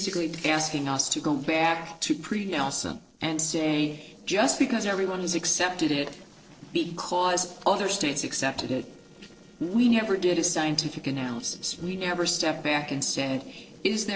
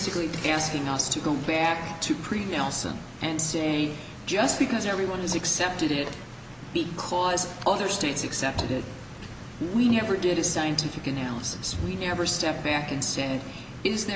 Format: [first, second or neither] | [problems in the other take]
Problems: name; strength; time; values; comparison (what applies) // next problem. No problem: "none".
second | noise reduction (neural separator model SepFormer DNS4)